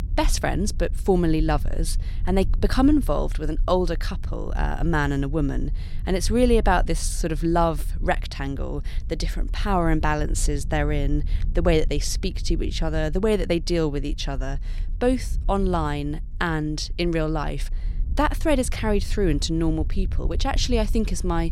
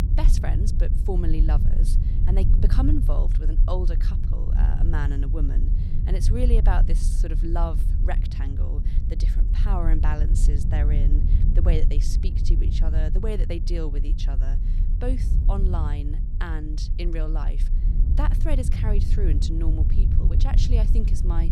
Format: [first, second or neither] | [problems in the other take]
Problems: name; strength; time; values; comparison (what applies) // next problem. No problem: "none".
first | low rumble; loud; throughout; 6 dB below the speech; faint in the first